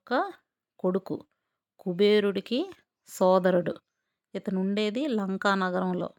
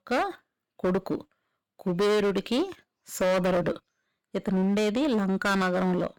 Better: first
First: none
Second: distortion; heavy; 14% of the sound clipped

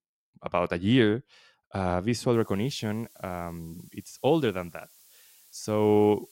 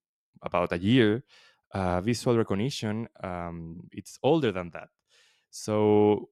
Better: second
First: hiss; faint; from 2.5 s on; 25 dB below the speech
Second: none

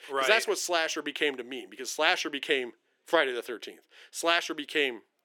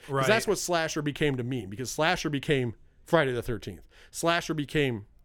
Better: second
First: thin; somewhat; fading below 300 Hz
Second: none

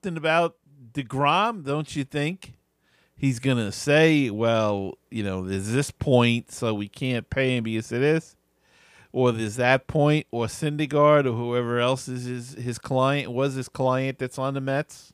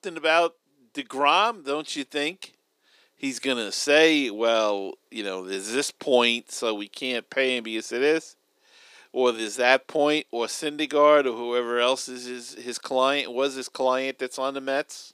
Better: first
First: none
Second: thin; somewhat; fading below 300 Hz

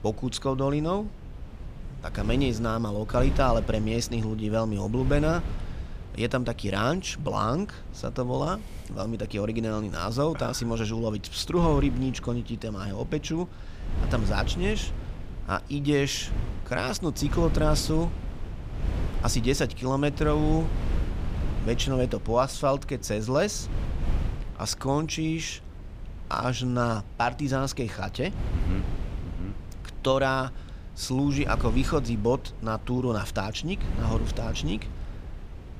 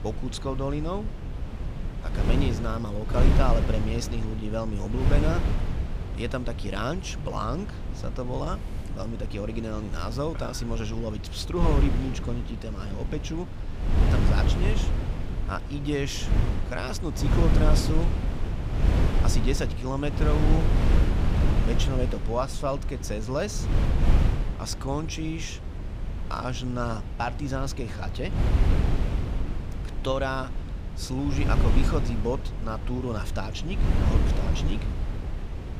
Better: first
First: wind noise on the microphone; occasional gusts; 15 dB below the speech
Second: wind noise on the microphone; heavy; 5 dB below the speech

